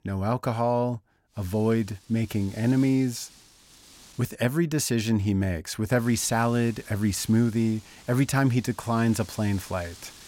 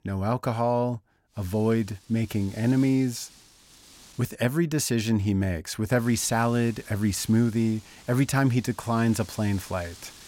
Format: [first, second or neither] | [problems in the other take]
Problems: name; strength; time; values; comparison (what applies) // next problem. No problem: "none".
neither | wind noise on the microphone; occasional gusts; from 1.5 to 4 s and from 6 s on; 20 dB below the speech; the same in both